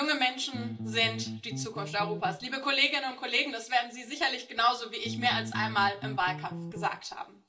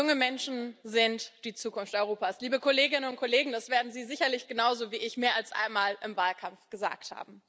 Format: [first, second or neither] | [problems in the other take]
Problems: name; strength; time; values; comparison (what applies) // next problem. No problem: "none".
second | background sound (Bass guitar); 7 dB below the speech // room echo; dies away in 0.2 s